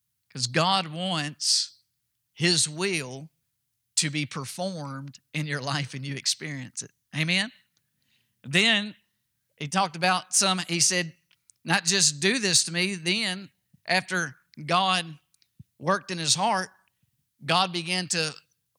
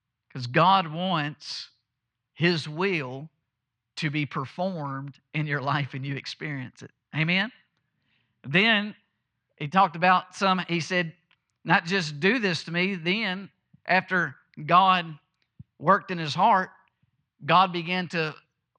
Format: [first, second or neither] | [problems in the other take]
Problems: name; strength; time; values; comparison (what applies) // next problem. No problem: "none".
first | muffled; very; fading above 3 kHz